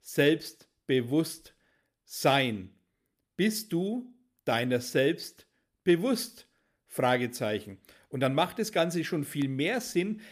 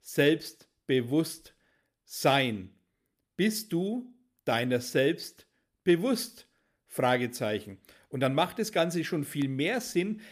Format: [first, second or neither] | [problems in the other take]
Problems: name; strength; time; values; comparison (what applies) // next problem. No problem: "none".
neither | none